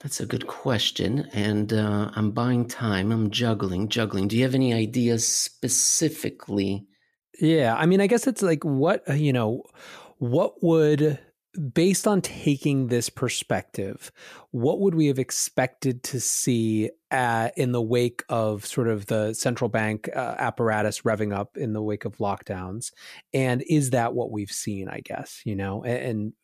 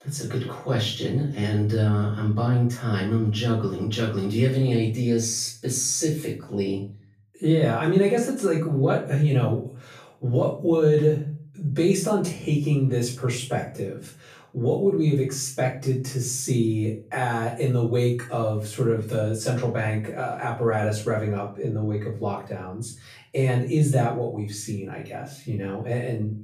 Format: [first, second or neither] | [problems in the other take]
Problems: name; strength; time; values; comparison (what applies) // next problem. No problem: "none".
first | off-mic speech; far // room echo; noticeable; dies away in 0.4 s